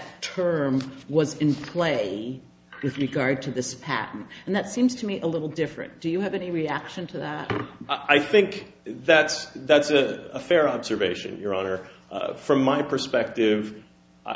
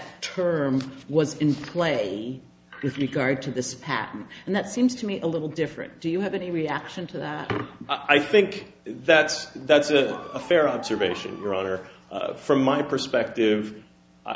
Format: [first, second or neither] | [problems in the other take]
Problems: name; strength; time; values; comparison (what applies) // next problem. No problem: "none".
first | background sound (Bird vocalization, bird call, bird song); 19 dB below the speech